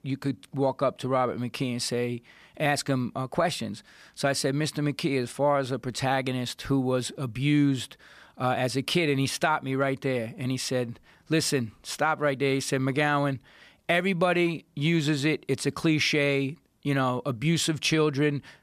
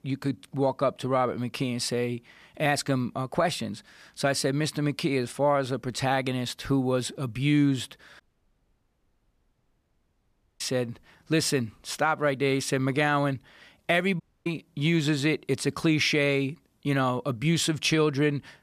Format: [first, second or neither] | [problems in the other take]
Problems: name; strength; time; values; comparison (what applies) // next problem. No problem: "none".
first | audio cutting out; at 8 s for 2.5 s and at 14 s